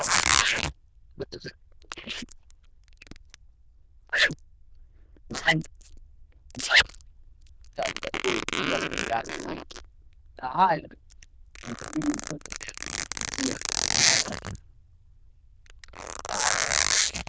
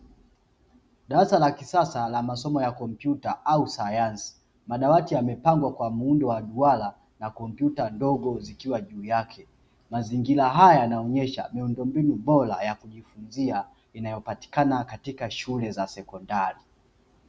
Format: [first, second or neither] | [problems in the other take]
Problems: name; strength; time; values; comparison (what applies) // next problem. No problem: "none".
second | noise reduction (neural diffusion model UNIVERSE++)